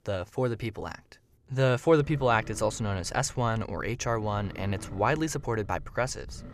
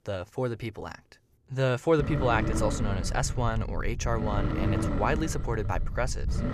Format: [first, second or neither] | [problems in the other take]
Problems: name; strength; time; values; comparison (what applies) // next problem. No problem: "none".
first | low rumble; loud; from 2 s on; 7 dB below the speech; faint in the first